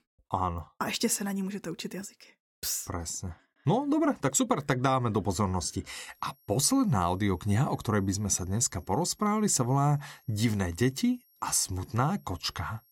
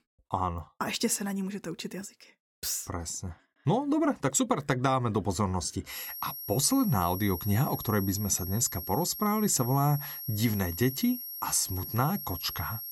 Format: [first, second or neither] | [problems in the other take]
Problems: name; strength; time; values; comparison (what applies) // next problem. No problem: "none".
first | high-pitched whine; loud; from 6 s on; 11.5 kHz, 8 dB below the speech; faint in the first